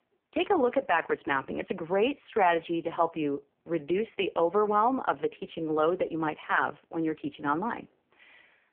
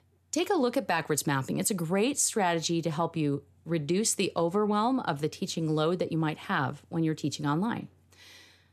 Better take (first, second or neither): second